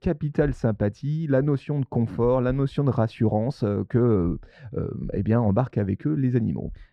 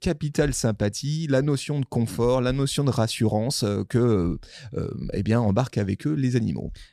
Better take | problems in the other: second | muffled; very; fading above 3.5 kHz

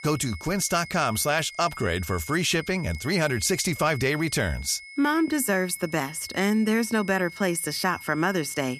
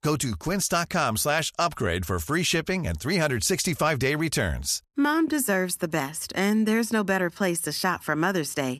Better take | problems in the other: second | high-pitched whine; noticeable; throughout; 2 kHz, 15 dB below the speech

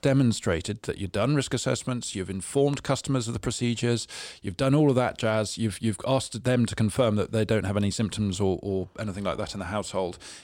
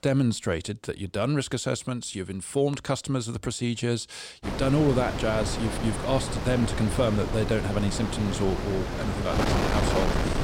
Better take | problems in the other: first | wind noise on the microphone; heavy; from 4.5 s on; 2 dB below the speech

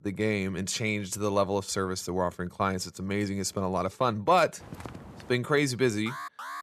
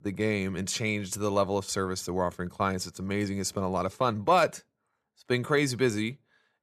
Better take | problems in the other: second | footsteps; faint; at 4.5 s; peak 15 dB below the speech // alarm; faint; at 6 s; peak 10 dB below the speech

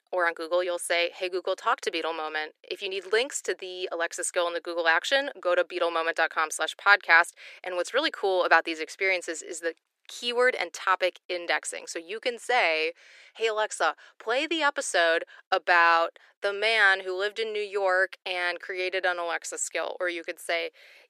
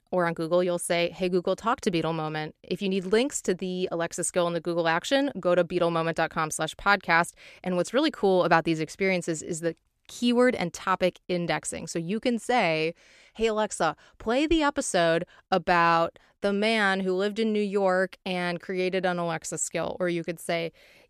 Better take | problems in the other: second | thin; very; fading below 350 Hz

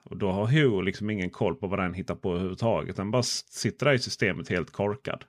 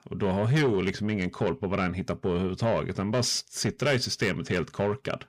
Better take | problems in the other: first | distortion; slight; 10 dB below the speech

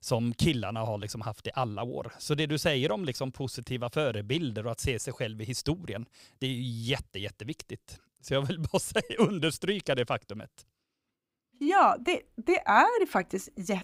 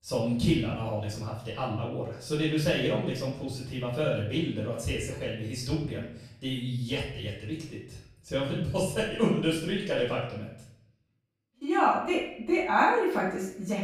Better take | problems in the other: first | off-mic speech; far // room echo; noticeable; dies away in 0.7 s

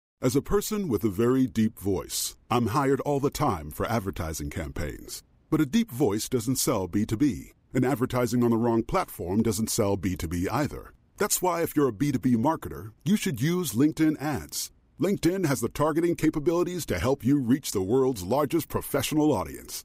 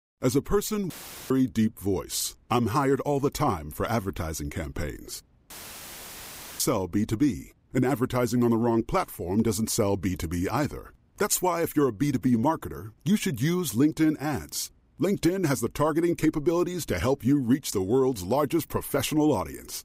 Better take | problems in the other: first | audio cutting out; filled with static; at 1 s and at 5.5 s for 1 s

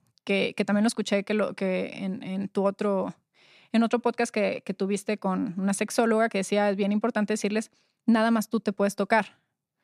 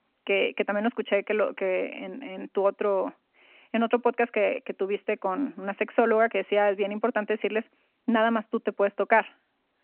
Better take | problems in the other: first | phone-call audio

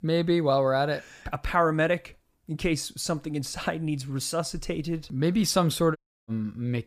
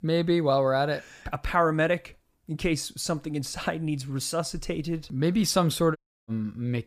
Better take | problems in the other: neither | audio cutting out; at 6 s; the same in both

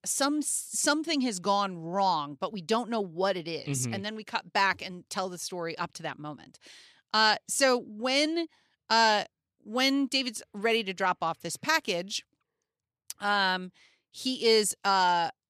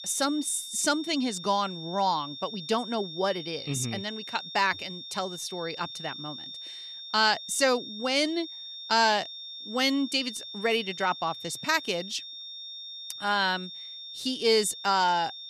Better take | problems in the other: first | high-pitched whine; noticeable; throughout; 3.5 kHz, 10 dB below the speech

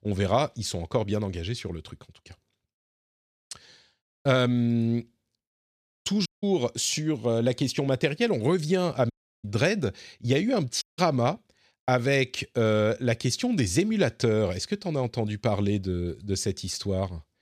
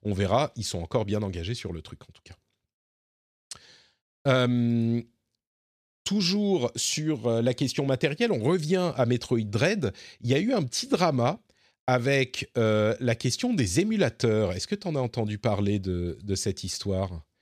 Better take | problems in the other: second | audio cutting out; at 6.5 s, at 9 s and at 11 s

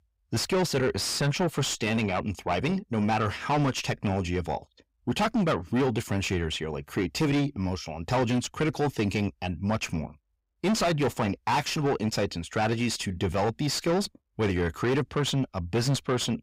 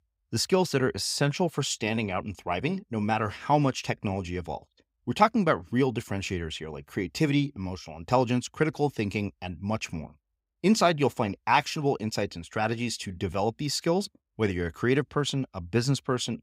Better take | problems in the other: second | distortion; heavy; 6 dB below the speech

